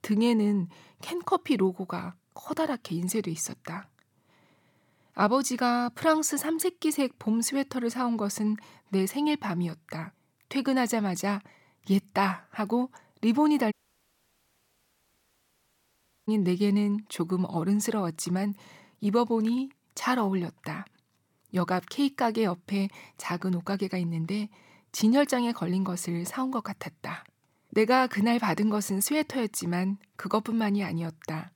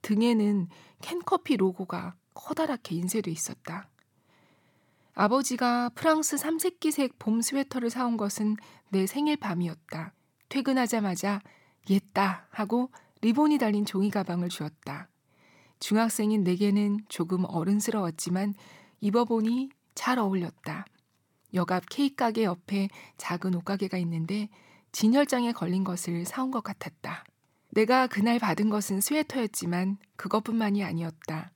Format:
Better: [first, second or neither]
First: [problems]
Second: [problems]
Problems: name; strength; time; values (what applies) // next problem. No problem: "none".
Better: second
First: audio cutting out; at 14 s for 2.5 s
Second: none